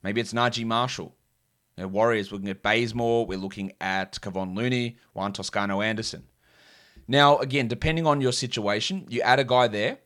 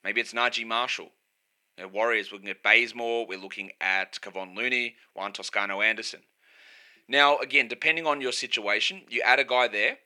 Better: first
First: none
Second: thin; somewhat; fading below 300 Hz

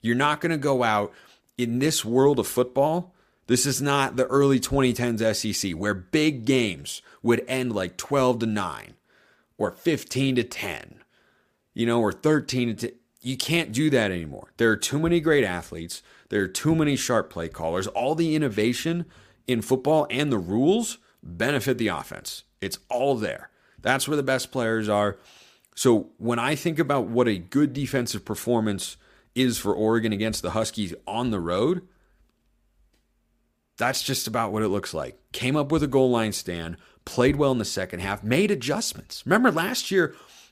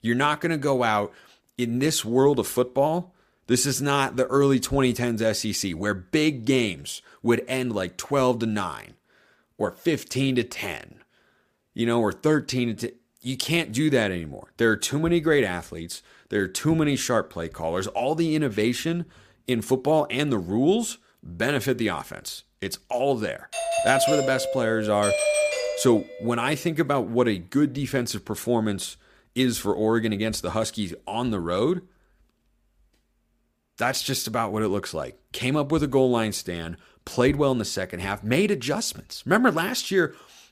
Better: first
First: none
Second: doorbell; loud; from 24 to 26 s; peak 3 dB above the speech

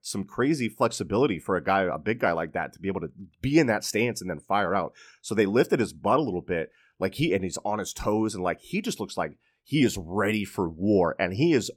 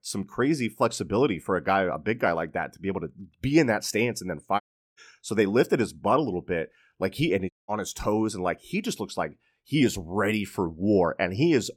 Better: first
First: none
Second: audio cutting out; at 4.5 s and at 7.5 s

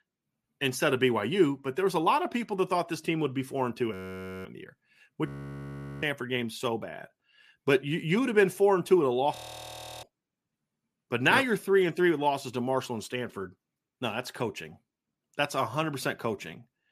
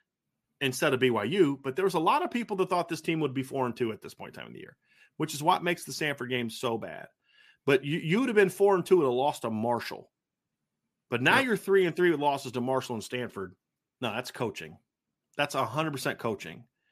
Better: second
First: audio freezing; at 4 s for 0.5 s, at 5.5 s for 1 s and at 9.5 s for 0.5 s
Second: none

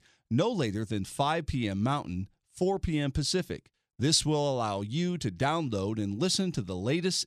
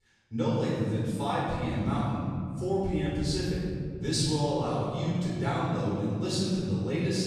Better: first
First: none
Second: off-mic speech; far // room echo; strong; dies away in 3 s

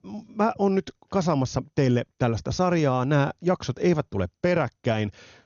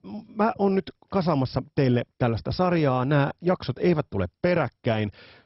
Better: first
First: garbled, watery; slightly; nothing above 6.5 kHz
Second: garbled, watery; badly; nothing above 5.5 kHz

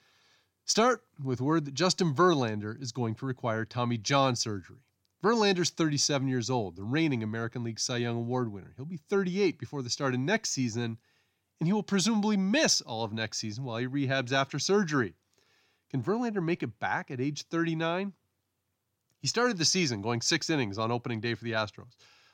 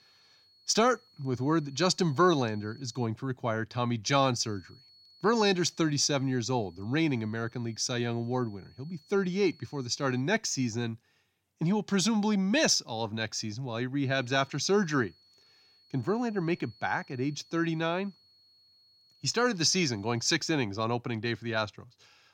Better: first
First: none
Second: high-pitched whine; faint; until 3 s, from 4.5 to 10 s and from 14 to 20 s; 4.5 kHz, 30 dB below the speech

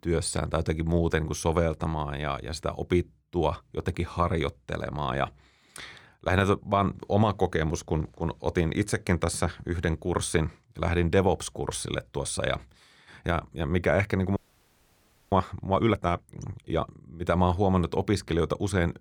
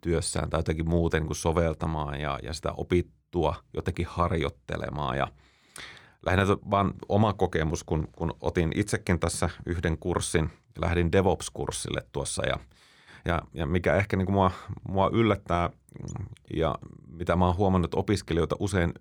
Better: second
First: audio freezing; at 14 s for 1 s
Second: none

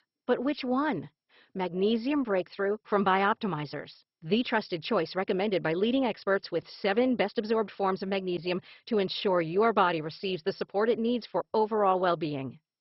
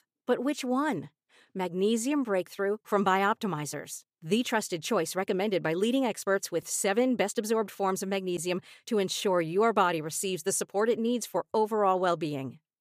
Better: second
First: garbled, watery; badly; nothing above 5.5 kHz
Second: none

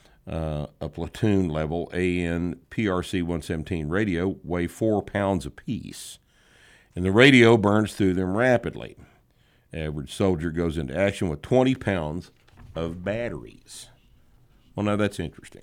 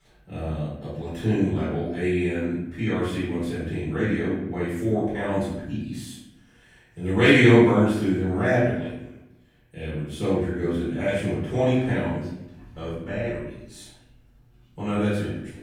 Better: first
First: none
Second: off-mic speech; far // room echo; noticeable; dies away in 0.7 s

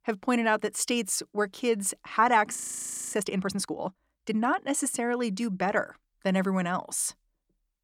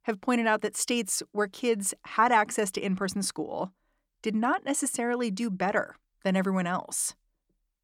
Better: second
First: audio freezing; at 2.5 s for 0.5 s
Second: none

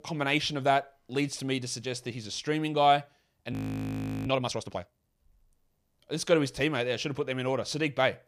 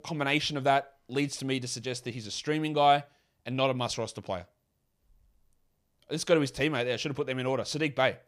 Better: second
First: audio freezing; at 3.5 s for 0.5 s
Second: none

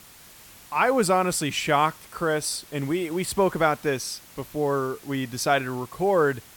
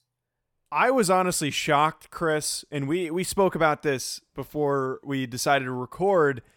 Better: second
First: hiss; faint; throughout; 20 dB below the speech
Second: none

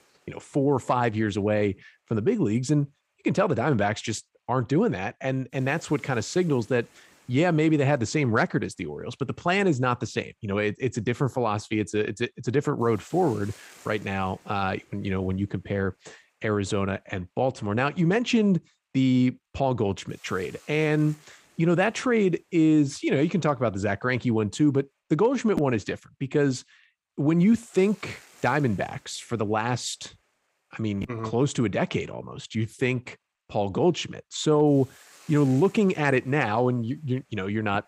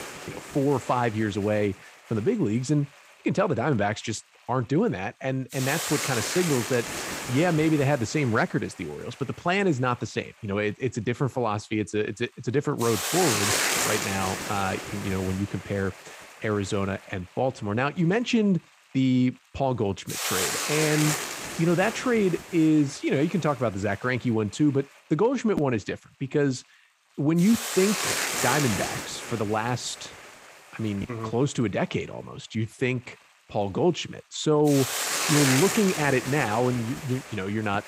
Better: first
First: hiss; faint; throughout; 30 dB below the speech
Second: hiss; loud; throughout; 3 dB below the speech

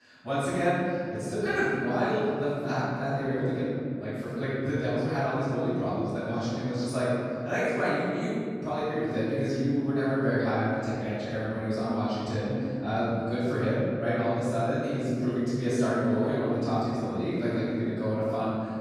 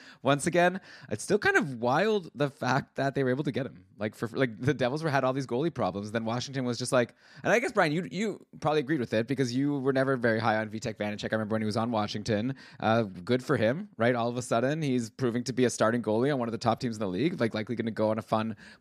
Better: second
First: off-mic speech; far // room echo; strong; dies away in 3 s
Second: none

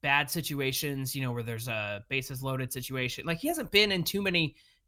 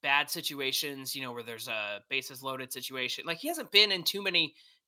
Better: first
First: none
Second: thin; somewhat; fading below 300 Hz

